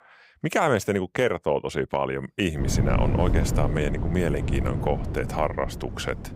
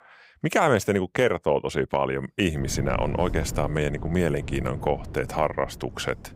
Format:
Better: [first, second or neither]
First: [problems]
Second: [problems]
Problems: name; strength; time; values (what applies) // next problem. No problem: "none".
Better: second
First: wind noise on the microphone; heavy; from 2.5 s on; 10 dB below the speech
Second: wind noise on the microphone; occasional gusts; from 2.5 s on; 20 dB below the speech